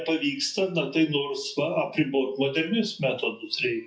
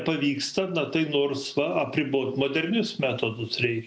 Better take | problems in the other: second | noise reduction (classical method WPE with log-MMSE)

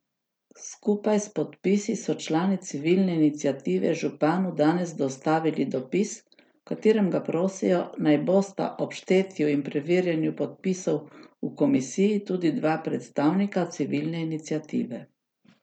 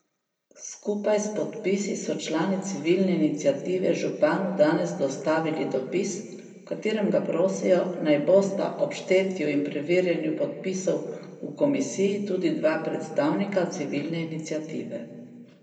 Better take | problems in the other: first | room echo; dies away in 1.5 s

